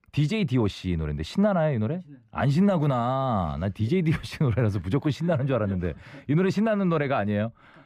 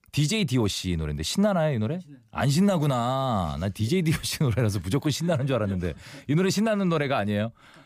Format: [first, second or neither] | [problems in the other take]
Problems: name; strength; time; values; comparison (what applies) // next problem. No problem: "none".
second | muffled; slightly; fading above 4 kHz